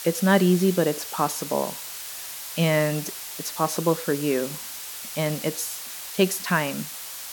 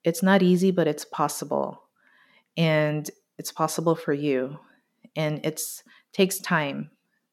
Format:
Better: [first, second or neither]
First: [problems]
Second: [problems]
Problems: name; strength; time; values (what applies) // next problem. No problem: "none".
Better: second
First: hiss; loud; throughout; 8 dB below the speech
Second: none